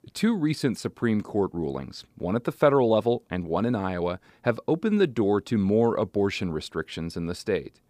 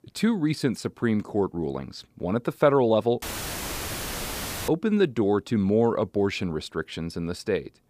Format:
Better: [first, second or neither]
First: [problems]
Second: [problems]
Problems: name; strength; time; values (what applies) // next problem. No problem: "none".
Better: first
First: none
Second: audio cutting out; filled with static; at 3 s for 1.5 s